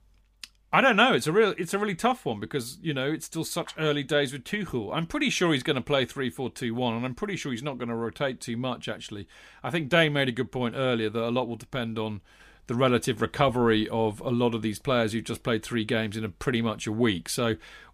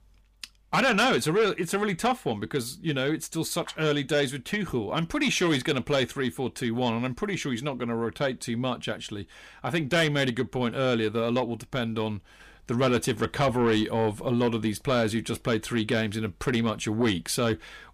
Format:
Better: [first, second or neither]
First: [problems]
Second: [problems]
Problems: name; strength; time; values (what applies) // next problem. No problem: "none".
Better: first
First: none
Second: distortion; slight; 10 dB below the speech